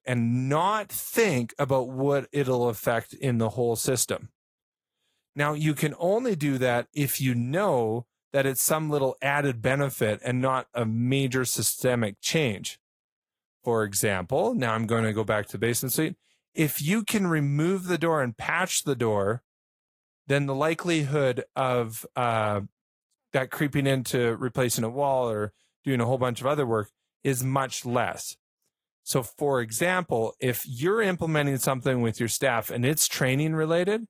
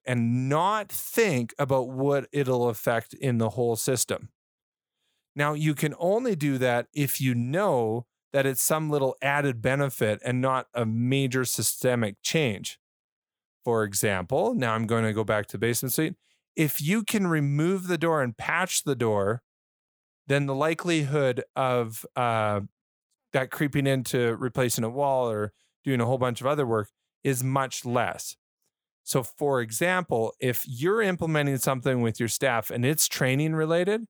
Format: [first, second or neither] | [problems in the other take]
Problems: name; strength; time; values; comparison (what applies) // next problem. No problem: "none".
second | garbled, watery; slightly; nothing above 15 kHz